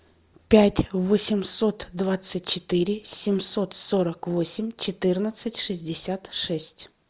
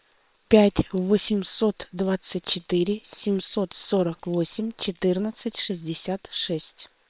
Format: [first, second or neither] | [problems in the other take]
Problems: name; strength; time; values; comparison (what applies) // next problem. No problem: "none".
first | noise reduction (neural separator model SepFormer WHAM!)